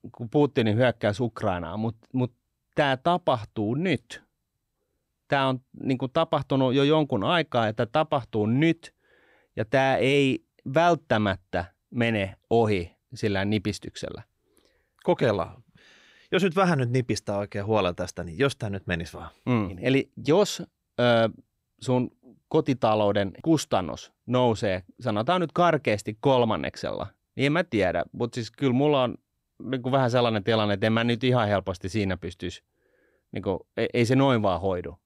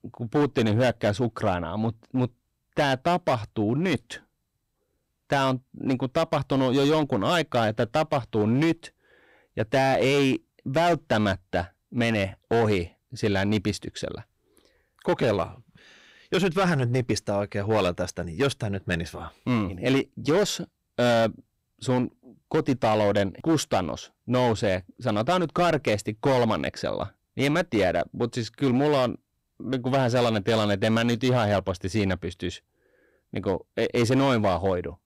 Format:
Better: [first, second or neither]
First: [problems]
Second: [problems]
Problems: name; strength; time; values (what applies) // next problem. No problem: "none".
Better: first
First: none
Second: distortion; slight; 9% of the sound clipped